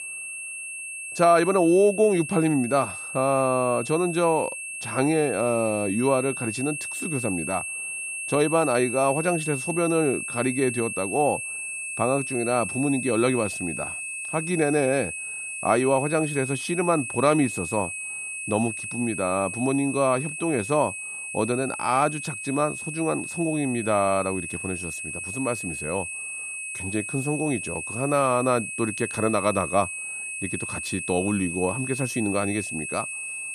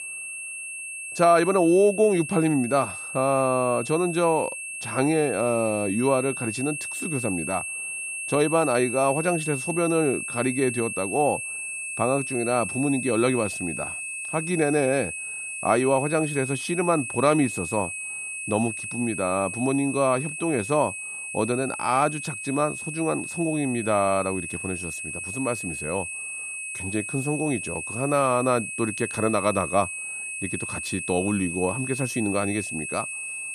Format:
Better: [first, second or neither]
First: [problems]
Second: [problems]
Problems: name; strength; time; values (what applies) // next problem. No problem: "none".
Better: neither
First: high-pitched whine; loud; throughout; 2.5 kHz, 6 dB below the speech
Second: high-pitched whine; loud; throughout; 2.5 kHz, 6 dB below the speech